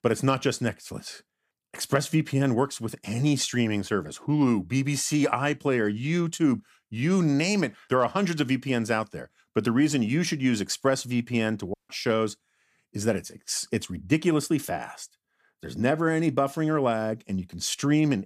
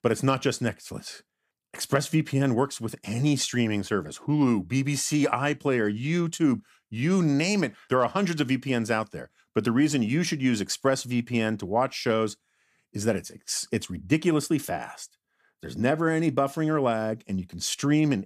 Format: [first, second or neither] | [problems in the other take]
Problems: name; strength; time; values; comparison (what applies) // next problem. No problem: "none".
second | audio cutting out; at 12 s